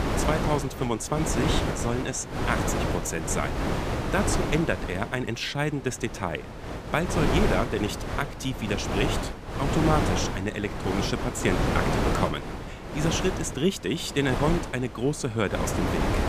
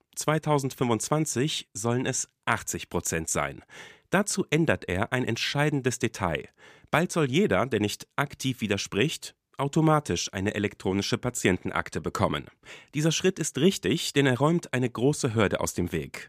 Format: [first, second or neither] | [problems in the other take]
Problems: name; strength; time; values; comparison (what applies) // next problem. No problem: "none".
second | wind noise on the microphone; heavy; 1 dB below the speech